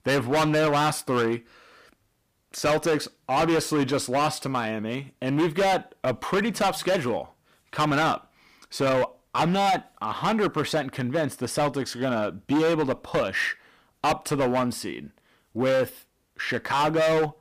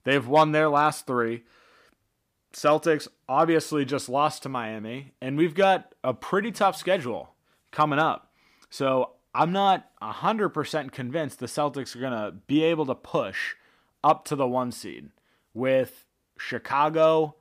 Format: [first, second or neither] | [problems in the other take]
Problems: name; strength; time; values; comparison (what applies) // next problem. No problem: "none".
second | distortion; heavy; 14% of the sound clipped